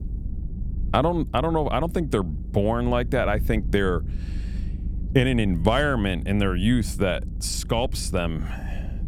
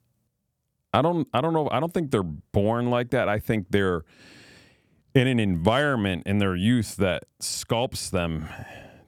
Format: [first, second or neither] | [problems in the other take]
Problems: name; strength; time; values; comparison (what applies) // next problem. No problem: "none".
second | low rumble; faint; throughout; 20 dB below the speech